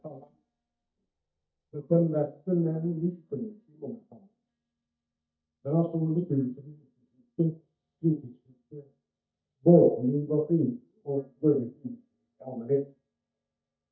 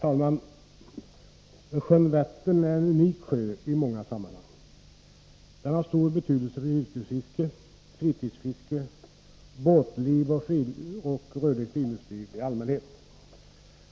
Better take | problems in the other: second | noise reduction (neural mask model DeepFilterNet 3)

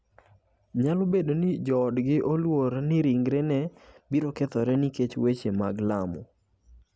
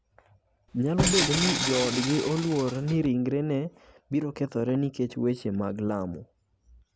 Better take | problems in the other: first | background sound (Tools); 1 dB below the speech

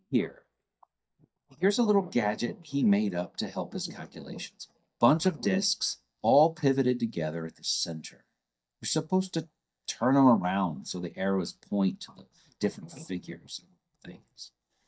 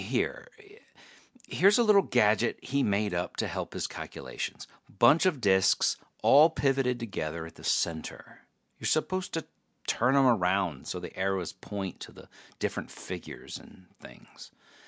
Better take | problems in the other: second | noise reduction (neural mask model DeepFilterNet 3)

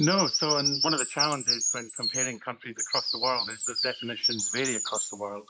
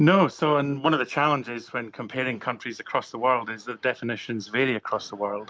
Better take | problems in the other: second | noise reduction (neural mask model Resemble Enhance denoiser)

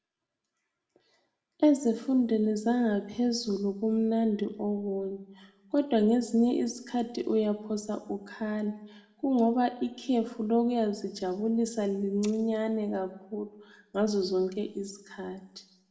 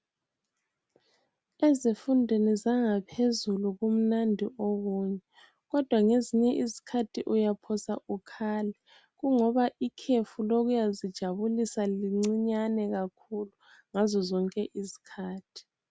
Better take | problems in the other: second | room echo; dies away in 0.7 s

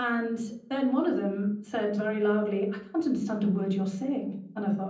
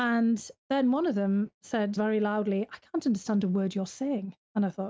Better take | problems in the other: second | room echo; dies away in 0.6 s

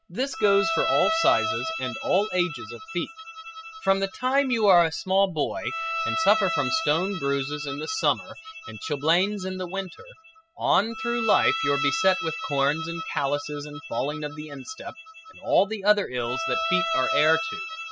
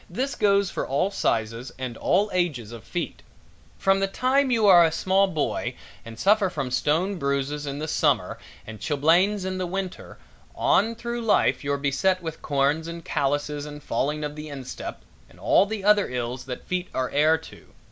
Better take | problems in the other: second | noise reduction (classical method spectral subtraction)

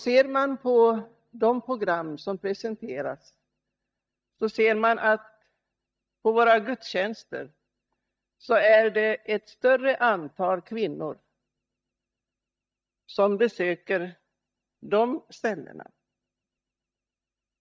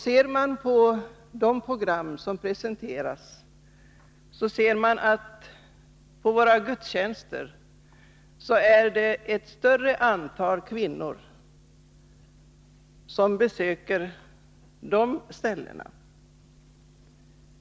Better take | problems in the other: second | noise reduction (neural mask model DeepFilterNet 3)

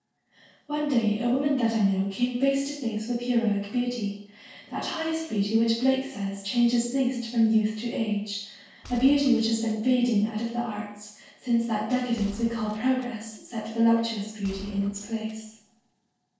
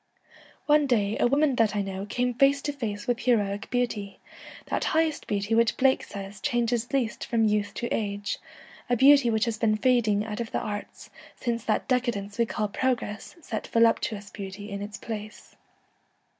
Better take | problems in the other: second | noise reduction (neural separator model SepFormer DNS4)

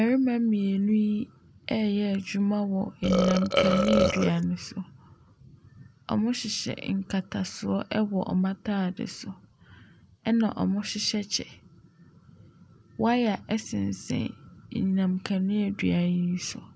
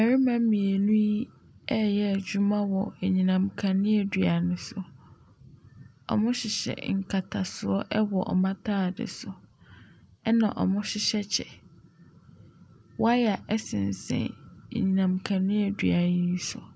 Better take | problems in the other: second | background sound (Burping, eructation); 2 dB above the speech

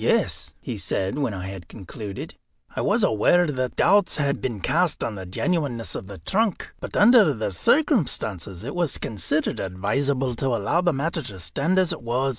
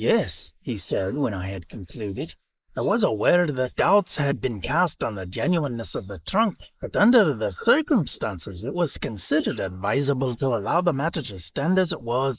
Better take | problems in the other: first | noise reduction (neural mask model Resemble Enhance denoiser)

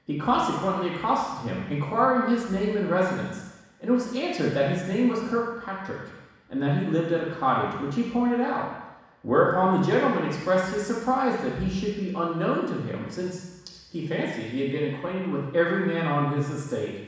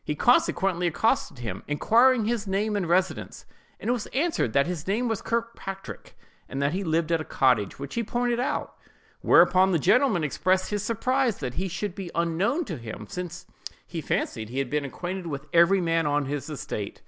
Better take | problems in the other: second | room echo; dies away in 1.1 s

